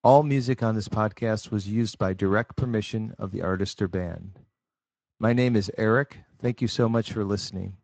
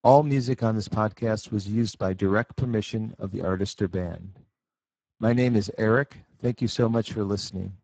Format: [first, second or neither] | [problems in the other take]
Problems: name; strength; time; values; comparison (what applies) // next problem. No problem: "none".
first | garbled, watery; badly; nothing above 7.5 kHz; slightly in the first